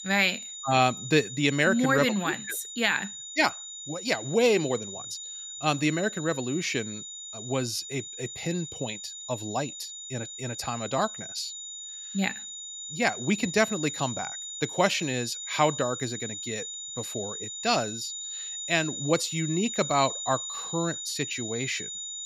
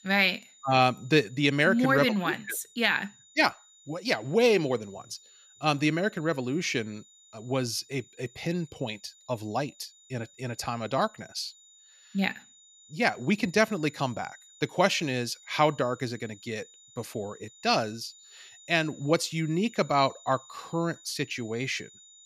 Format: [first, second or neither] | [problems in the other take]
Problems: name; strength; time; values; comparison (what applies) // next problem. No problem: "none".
second | high-pitched whine; loud; throughout; 7 kHz, 8 dB below the speech; faint in the second